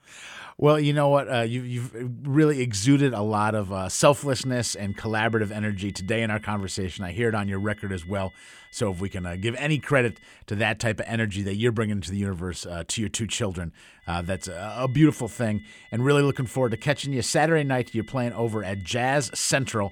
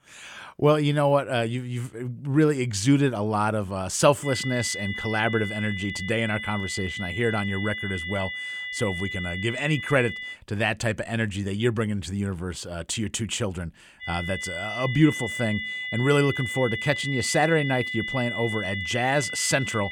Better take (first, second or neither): first